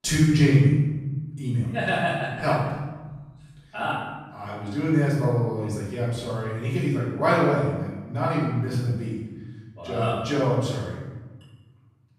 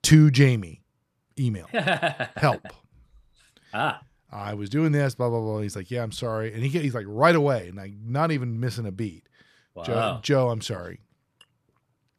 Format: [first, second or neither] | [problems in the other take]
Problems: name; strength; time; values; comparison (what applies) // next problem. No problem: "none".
second | off-mic speech; far // room echo; strong; dies away in 1.1 s